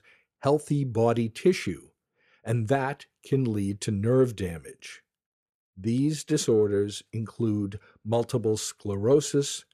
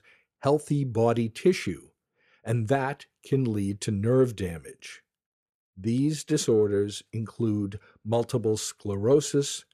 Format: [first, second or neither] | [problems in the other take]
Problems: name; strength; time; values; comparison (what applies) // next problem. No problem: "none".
neither | none